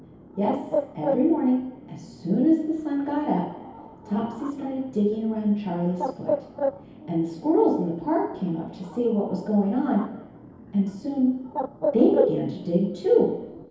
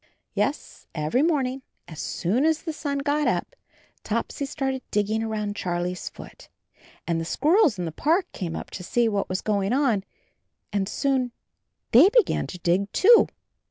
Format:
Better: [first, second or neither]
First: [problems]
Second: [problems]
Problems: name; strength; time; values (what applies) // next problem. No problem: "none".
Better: second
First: background sound (Bird); 9 dB below the speech // room echo; dies away in 2.2 s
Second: none